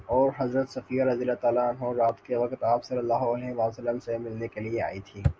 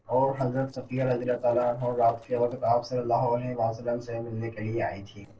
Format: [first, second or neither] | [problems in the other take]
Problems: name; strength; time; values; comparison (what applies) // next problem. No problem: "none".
first | noise reduction (neural separator model SepFormer DNS4)